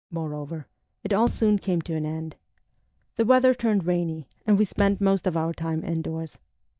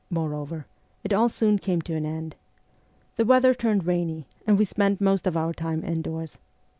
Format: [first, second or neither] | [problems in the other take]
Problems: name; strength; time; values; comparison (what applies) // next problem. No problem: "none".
second | noise reduction (neural mask model DeepFilterNet 3)